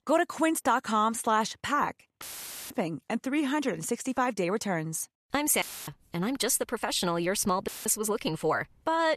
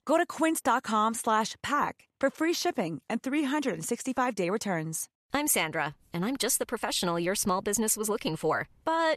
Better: second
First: audio cutting out; filled with static; at 2 s, at 5.5 s and at 7.5 s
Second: none

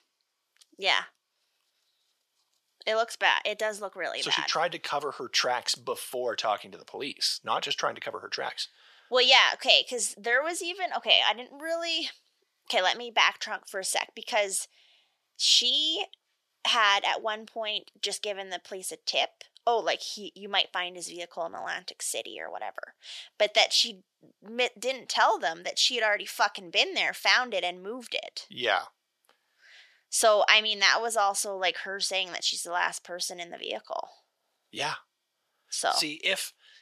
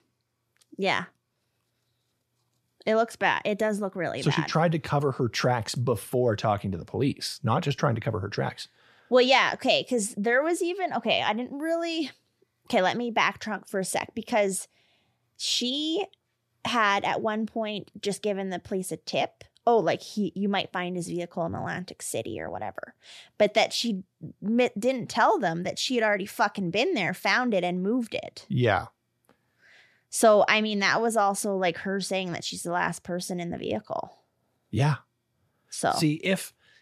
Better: second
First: thin; very; fading below 600 Hz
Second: none

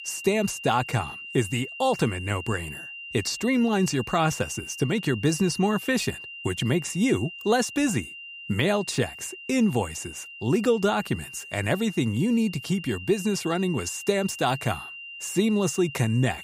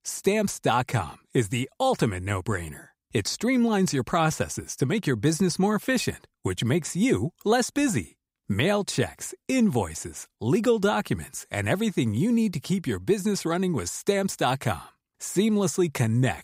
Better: second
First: high-pitched whine; noticeable; throughout; 3 kHz, 10 dB below the speech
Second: none

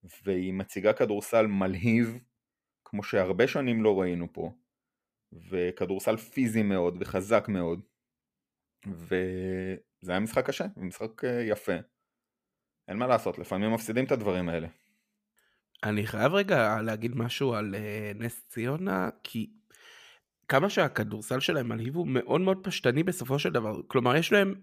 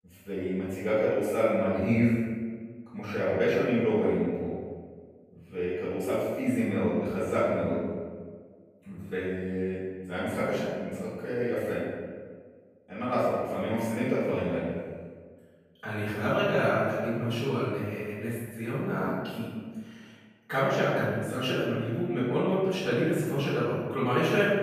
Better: first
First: none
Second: off-mic speech; far // room echo; strong; dies away in 1.4 s

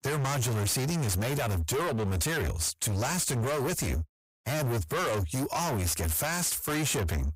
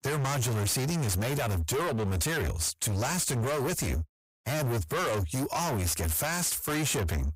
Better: neither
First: distortion; heavy; 41% of the sound clipped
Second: distortion; heavy; 41% of the sound clipped

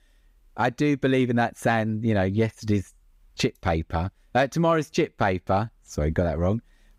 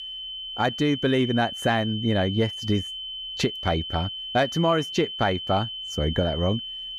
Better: first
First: none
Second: high-pitched whine; loud; throughout; 3 kHz, 7 dB below the speech

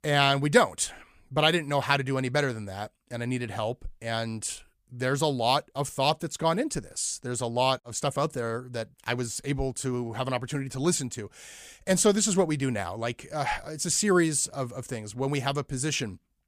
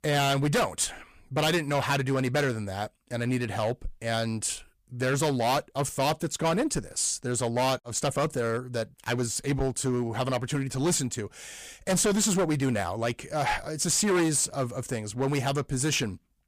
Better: first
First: none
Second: distortion; heavy; 11% of the sound clipped

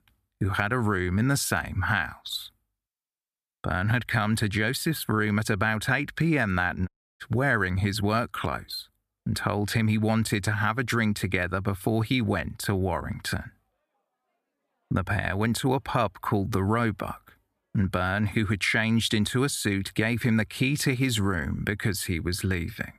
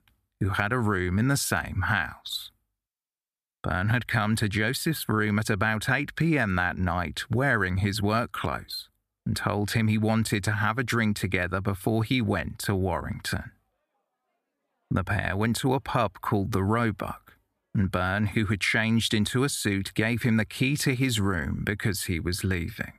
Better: second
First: audio cutting out; at 7 s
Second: none

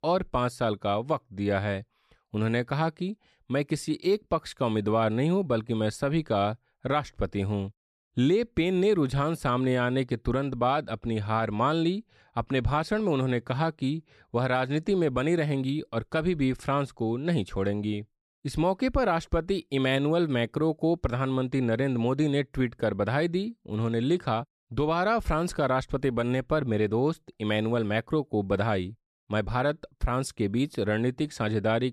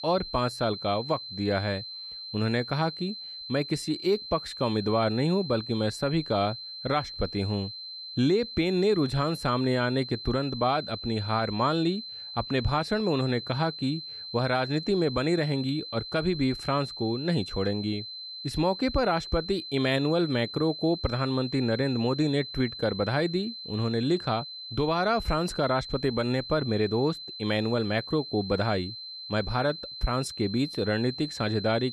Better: first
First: none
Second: high-pitched whine; loud; throughout; 4 kHz, 9 dB below the speech

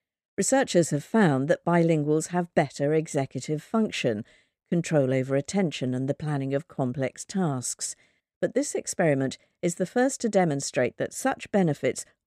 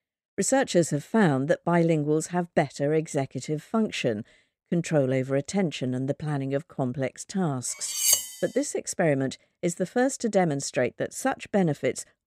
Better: first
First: none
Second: clattering dishes; loud; at 8 s; peak 6 dB above the speech

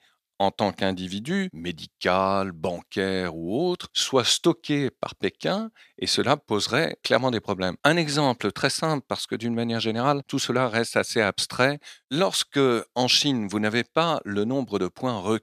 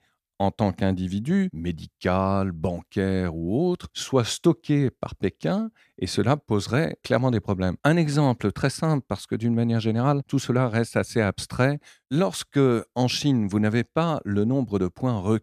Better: second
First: thin; very slightly; fading below 1 kHz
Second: none

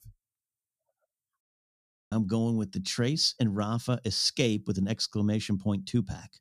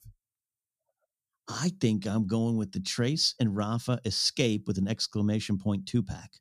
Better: second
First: audio cutting out; at 1.5 s for 0.5 s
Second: none

